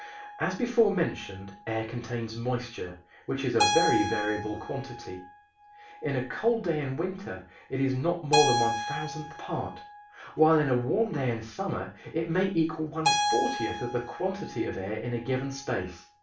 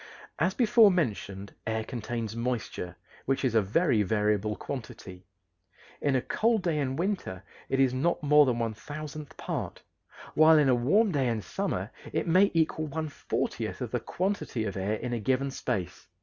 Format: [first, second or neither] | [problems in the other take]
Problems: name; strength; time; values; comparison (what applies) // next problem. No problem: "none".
second | background sound (Keyboard (musical)); 5 dB below the speech // room echo; dies away in 0.3 s